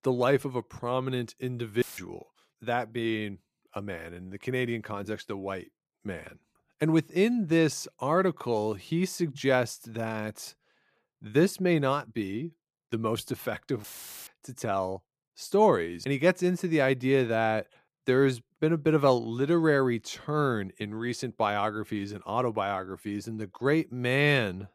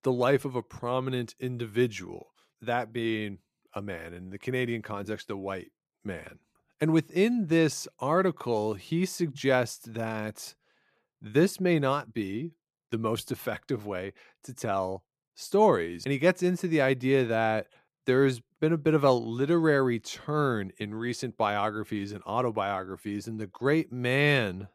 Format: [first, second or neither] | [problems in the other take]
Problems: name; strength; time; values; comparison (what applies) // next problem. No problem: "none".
second | audio cutting out; filled with static; at 2 s and at 14 s